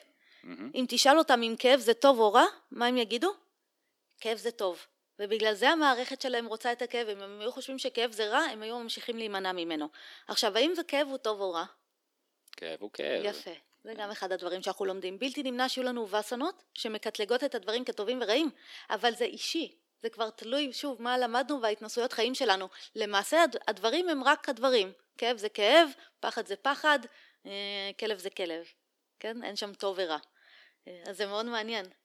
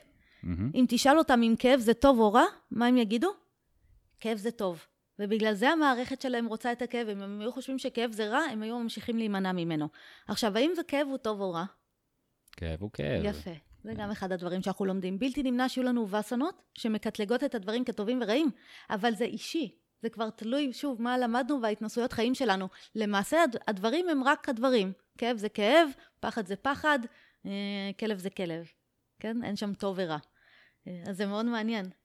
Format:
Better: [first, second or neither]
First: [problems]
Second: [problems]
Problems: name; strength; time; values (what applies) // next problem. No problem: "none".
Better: second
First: thin; somewhat; fading below 300 Hz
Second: none